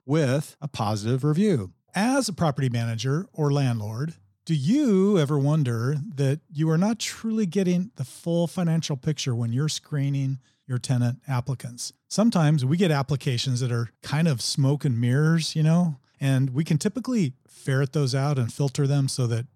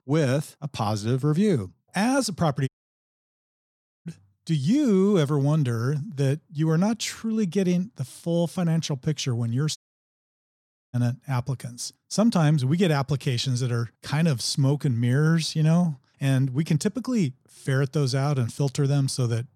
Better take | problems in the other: first | audio cutting out; at 2.5 s for 1.5 s and at 10 s for 1 s

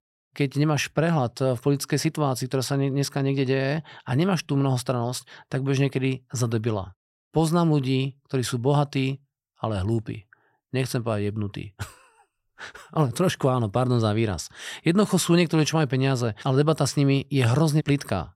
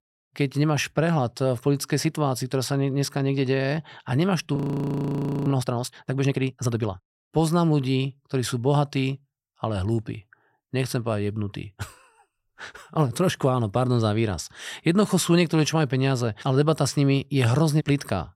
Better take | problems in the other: first | audio freezing; at 4.5 s for 1 s

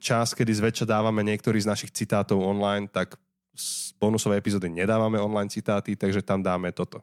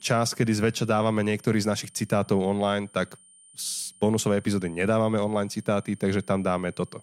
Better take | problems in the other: first | high-pitched whine; faint; throughout; 9 kHz, 25 dB below the speech

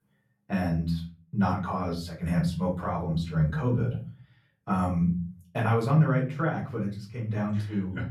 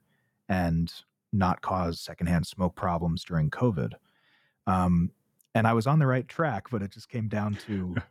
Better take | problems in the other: second | off-mic speech; far // room echo; slight; dies away in 0.4 s

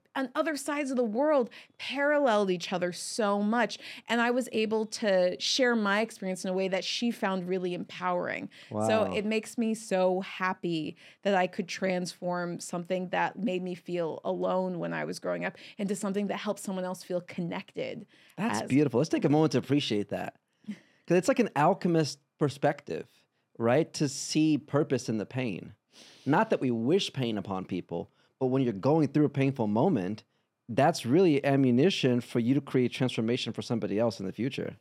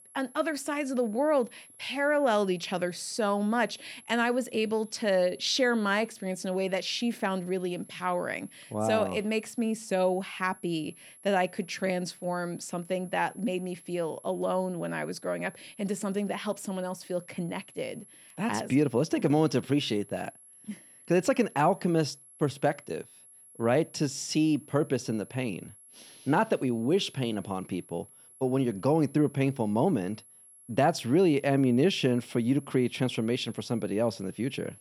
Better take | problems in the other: first | high-pitched whine; faint; throughout; 11 kHz, 20 dB below the speech

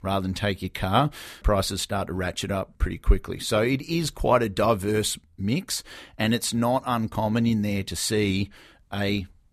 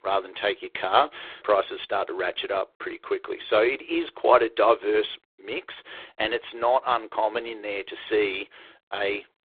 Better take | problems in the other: first | phone-call audio; poor line

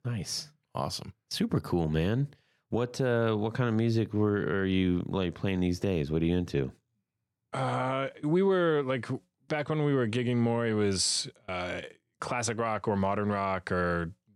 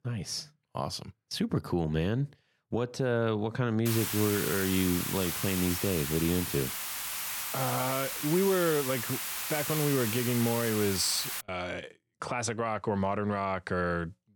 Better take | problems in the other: first | hiss; loud; from 4 to 11 s; 2 dB below the speech

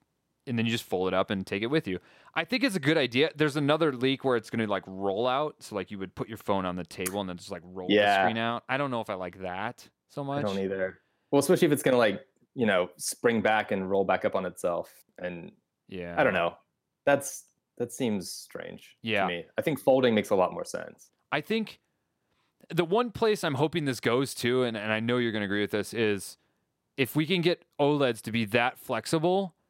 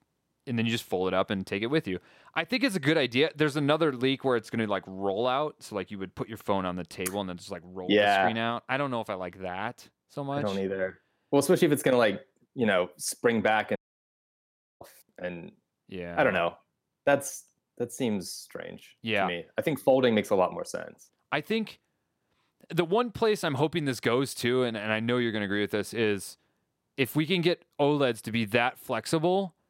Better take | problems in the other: first | audio cutting out; at 14 s for 1 s

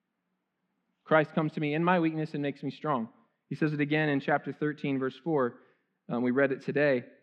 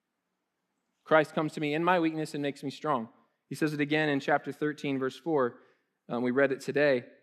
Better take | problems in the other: second | muffled; very slightly; fading above 3 kHz

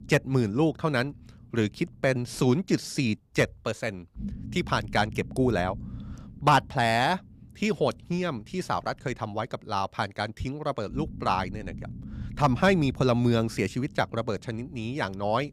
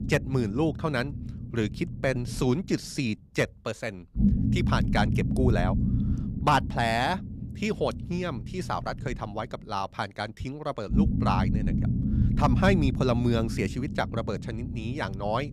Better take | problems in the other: first | low rumble; loud; throughout; 9 dB below the speech; faint in the first

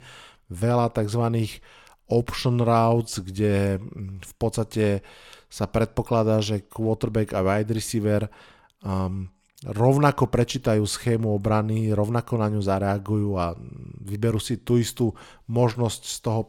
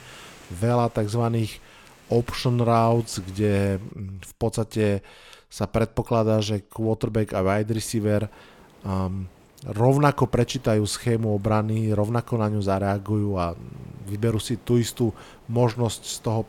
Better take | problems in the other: first | hiss; faint; until 4 s and from 7.5 s on; 25 dB below the speech

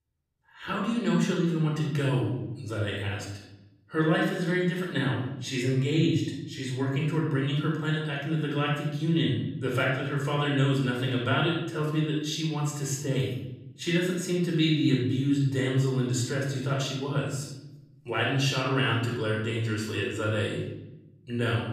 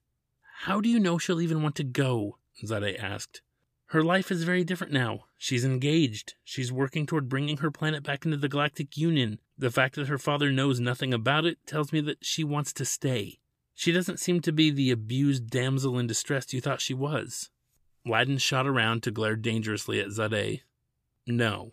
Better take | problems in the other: second | off-mic speech; far // room echo; noticeable; dies away in 0.9 s

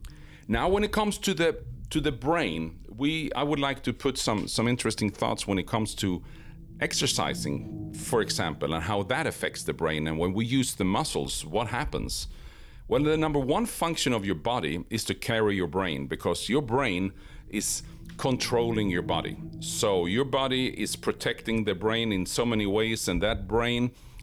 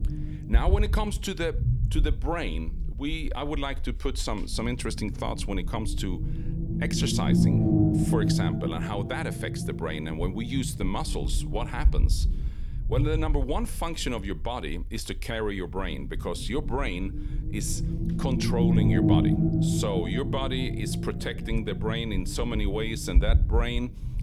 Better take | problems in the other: first | low rumble; loud; throughout; 3 dB below the speech; faint in the first

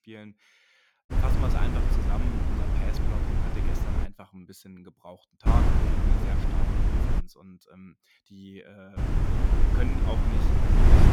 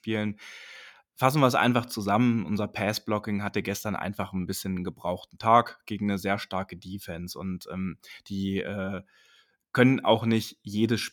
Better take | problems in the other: second | wind noise on the microphone; heavy; from 1 to 4 s, from 5.5 to 7 s and from 9 s on; 5 dB above the speech

